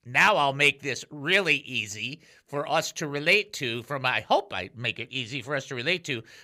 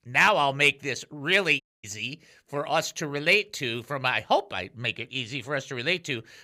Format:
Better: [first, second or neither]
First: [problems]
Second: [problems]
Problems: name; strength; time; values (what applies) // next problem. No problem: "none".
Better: first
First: none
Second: audio cutting out; at 1.5 s